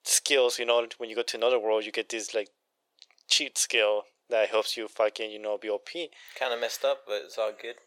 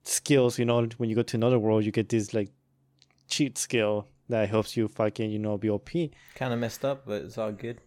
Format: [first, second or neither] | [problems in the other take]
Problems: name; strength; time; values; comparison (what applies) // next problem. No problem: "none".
second | thin; very; fading below 500 Hz